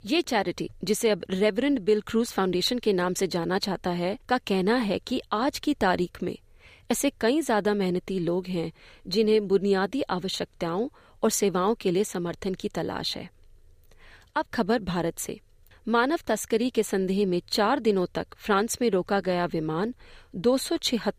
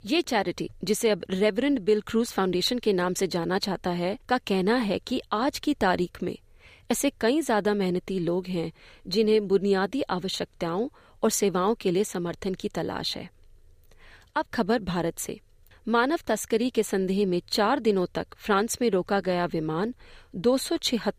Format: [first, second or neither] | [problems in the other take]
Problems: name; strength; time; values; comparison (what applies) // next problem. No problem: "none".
neither | none